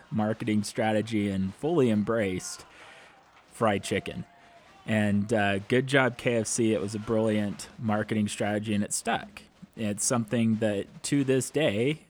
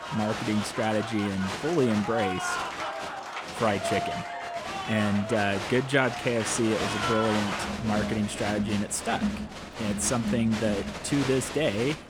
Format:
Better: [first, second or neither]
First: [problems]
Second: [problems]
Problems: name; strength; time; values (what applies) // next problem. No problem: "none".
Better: first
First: crowd noise; faint; throughout; 25 dB below the speech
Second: crowd noise; loud; throughout; 5 dB below the speech